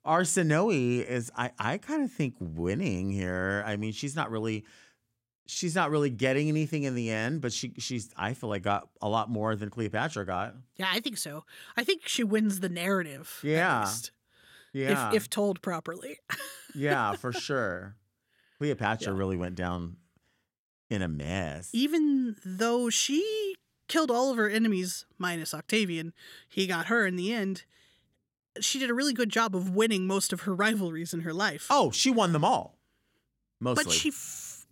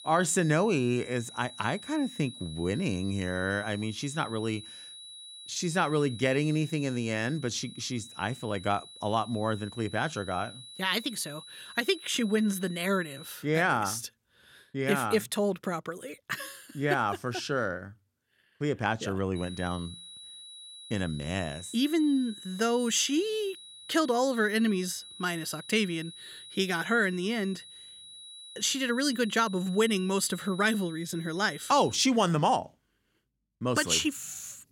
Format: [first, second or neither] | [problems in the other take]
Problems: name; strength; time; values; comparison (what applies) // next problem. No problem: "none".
first | high-pitched whine; noticeable; until 13 s and from 19 to 32 s; 4 kHz, 15 dB below the speech